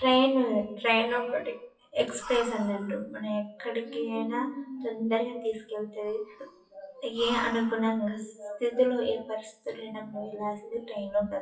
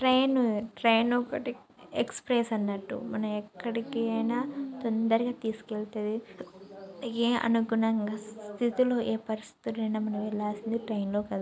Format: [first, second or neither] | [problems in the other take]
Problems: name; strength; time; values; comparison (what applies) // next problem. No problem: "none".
second | noise reduction (classical method WPE with log-MMSE)